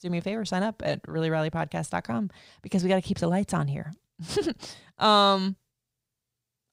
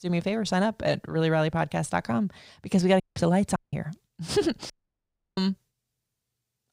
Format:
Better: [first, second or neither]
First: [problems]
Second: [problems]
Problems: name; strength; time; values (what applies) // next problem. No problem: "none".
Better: first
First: none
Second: audio cutting out; at 3 s, at 3.5 s and at 4.5 s for 0.5 s